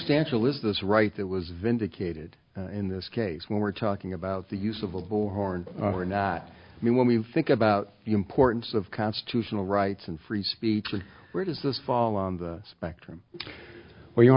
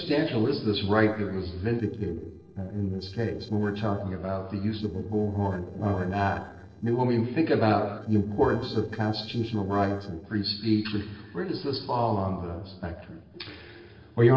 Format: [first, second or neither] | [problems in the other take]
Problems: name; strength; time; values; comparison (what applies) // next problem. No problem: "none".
first | noise reduction (neural separator model SepFormer DNS4)